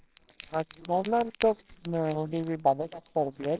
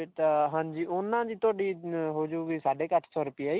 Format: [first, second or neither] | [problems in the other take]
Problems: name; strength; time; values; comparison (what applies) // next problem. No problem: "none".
second | noise reduction (neural separator model SepFormer WHAMR!)